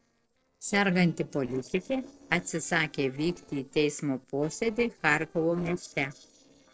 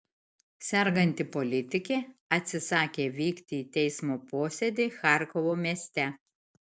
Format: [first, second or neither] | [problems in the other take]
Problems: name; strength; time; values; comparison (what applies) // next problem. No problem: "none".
second | noise reduction (neural separator model SepFormer DNS4)